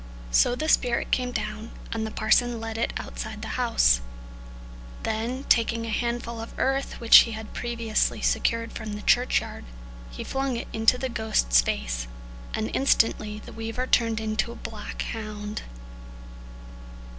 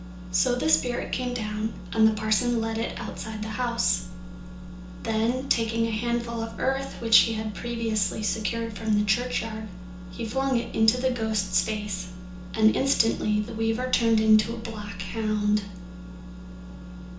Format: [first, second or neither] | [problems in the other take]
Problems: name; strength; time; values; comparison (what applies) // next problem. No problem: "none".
first | room echo; dies away in 0.7 s